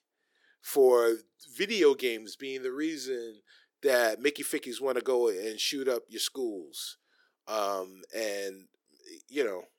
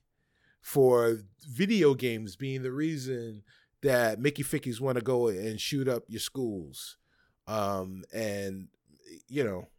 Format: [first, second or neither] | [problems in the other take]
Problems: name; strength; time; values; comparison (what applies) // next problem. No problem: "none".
second | thin; somewhat; fading below 350 Hz